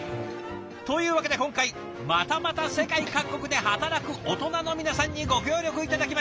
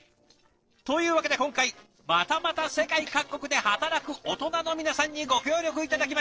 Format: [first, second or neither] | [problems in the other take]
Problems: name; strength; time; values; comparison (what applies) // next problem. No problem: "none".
first | noise reduction (neural separator model SepFormer DNS4)